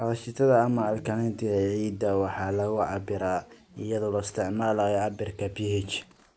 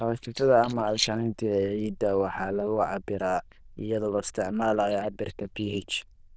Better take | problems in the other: first | noise reduction (neural diffusion model UNIVERSE++)

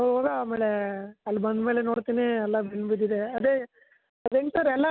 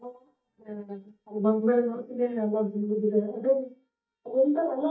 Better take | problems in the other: first | noise reduction (neural mask model DeepFilterNet 3)

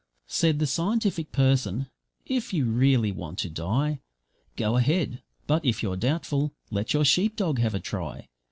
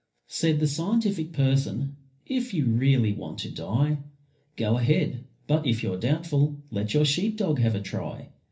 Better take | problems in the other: first | room echo; dies away in 0.3 s

